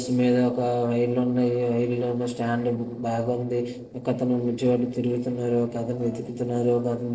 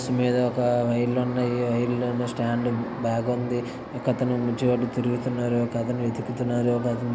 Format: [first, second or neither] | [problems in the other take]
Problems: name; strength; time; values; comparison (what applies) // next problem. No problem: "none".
second | noise reduction (neural separator model SepFormer DNS4)